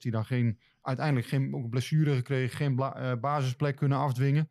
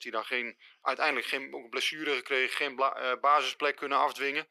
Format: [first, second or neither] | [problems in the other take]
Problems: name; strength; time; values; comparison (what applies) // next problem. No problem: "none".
first | thin; very; fading below 350 Hz